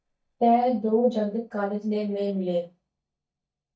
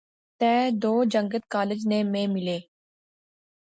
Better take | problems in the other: second | noise reduction (neural mask model DeepFilterNet 3)

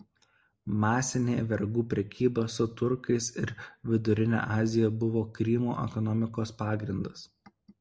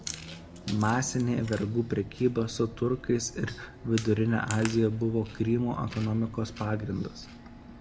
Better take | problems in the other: first | background sound (Bus + Chewing, mastication); 15 dB below the speech

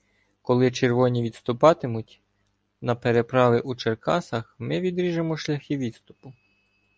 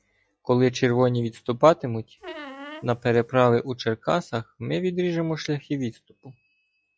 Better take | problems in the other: first | noise reduction (classical method log-MMSE)

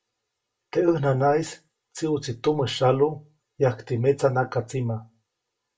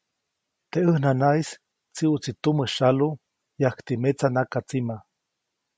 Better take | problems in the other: second | room echo; dies away in 0.2 s

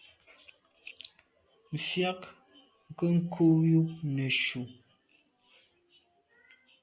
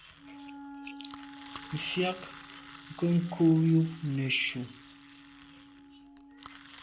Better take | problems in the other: first | background sound (Wind instrument, woodwind instrument + Engine); 16 dB below the speech

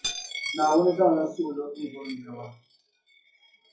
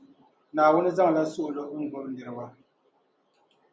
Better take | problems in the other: second | noise reduction (classical method WPE with log-MMSE)

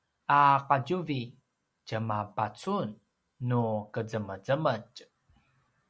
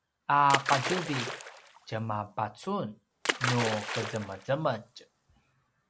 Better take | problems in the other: first | background sound (Splash, splatter); 4 dB below the speech

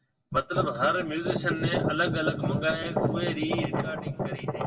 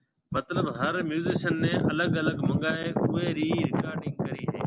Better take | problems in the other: second | room echo; dies away in 1.6 s

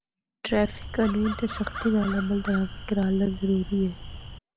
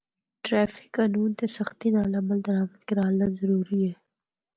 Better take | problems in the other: second | background sound (Crow); 10 dB below the speech

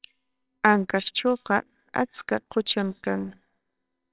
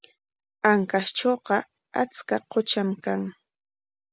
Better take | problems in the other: second | noise reduction (neural separator model SepFormer WHAMR!)

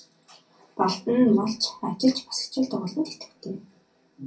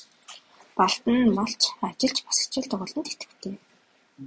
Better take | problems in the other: second | room echo; dies away in 0.3 s

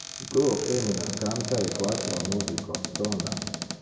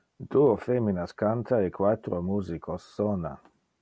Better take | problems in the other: second | background sound (Cupboard open or close); 5 dB below the speech // room echo; dies away in 1.5 s

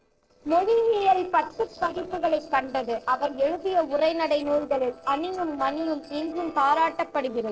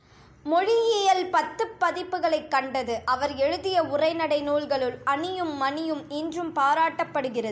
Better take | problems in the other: second | noise reduction (neural separator model SepFormer DNS4)

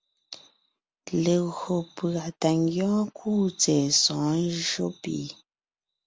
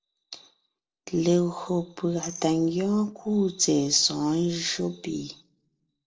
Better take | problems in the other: first | noise reduction (neural separator model SepFormer DNS4)

